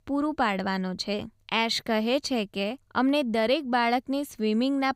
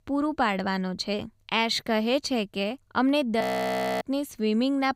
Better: first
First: none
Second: audio freezing; at 3.5 s for 0.5 s

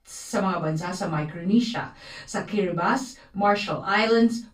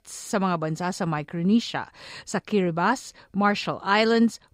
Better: second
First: room echo; slight; dies away in 0.2 s // off-mic speech; far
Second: none

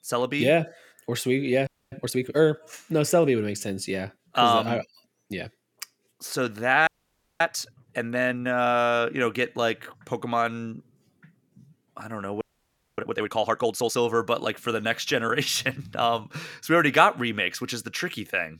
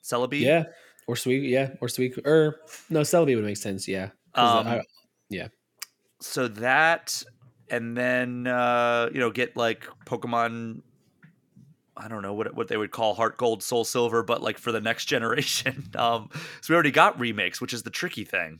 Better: second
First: audio freezing; at 1.5 s, at 7 s for 0.5 s and at 12 s for 0.5 s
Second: none

